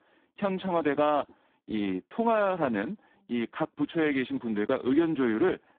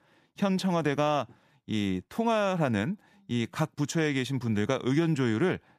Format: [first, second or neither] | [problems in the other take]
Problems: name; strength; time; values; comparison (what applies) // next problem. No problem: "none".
second | phone-call audio; poor line